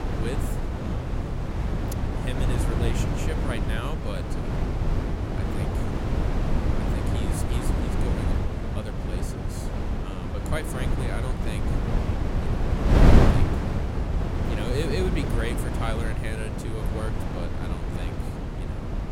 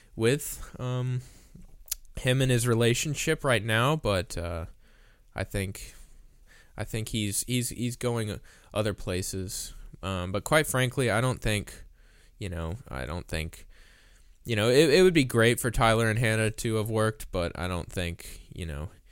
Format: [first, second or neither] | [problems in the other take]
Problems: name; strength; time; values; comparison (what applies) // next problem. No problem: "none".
second | wind noise on the microphone; heavy; 4 dB above the speech